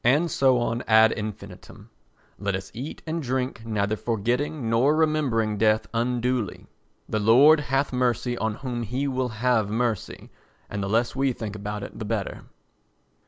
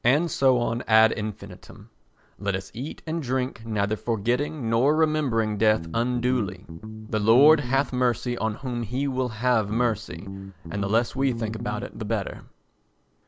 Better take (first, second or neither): first